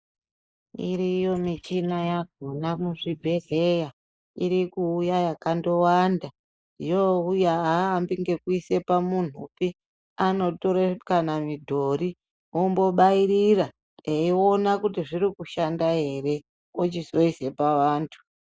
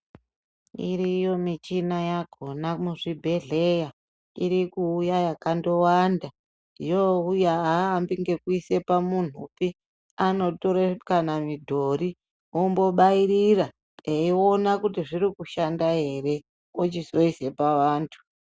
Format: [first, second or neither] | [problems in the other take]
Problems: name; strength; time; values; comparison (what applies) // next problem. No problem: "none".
second | noise reduction (neural mask model Resemble Enhance denoiser)